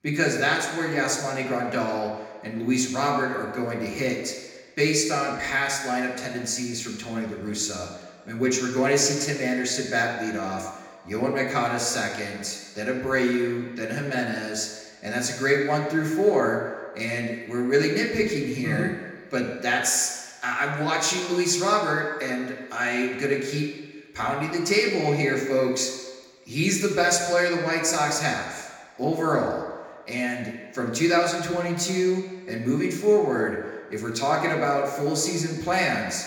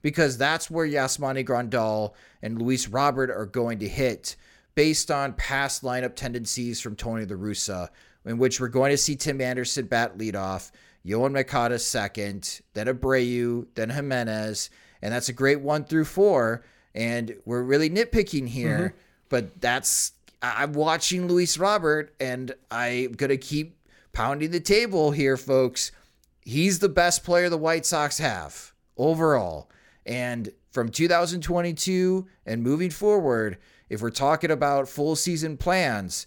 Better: second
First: room echo; noticeable; dies away in 1.3 s // off-mic speech; somewhat distant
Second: none

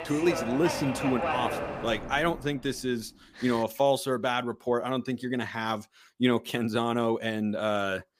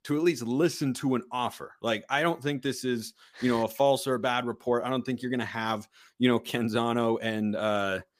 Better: second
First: train or aircraft noise; loud; until 2 s; 5 dB below the speech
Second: none

